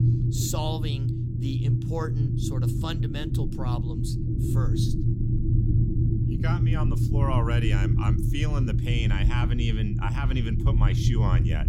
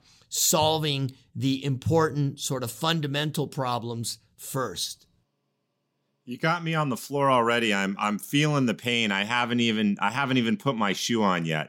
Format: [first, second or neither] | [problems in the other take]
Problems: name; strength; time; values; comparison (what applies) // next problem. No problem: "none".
second | low rumble; loud; throughout; 2 dB below the speech